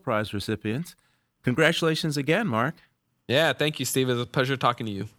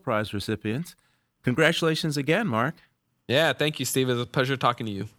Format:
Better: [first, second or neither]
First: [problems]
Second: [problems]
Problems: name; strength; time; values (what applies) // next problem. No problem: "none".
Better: neither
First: none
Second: none